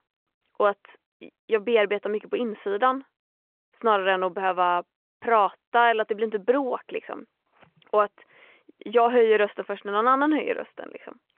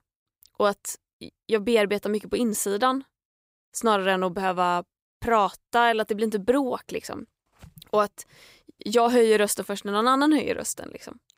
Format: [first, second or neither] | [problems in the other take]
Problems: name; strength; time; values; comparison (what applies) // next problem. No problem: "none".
second | phone-call audio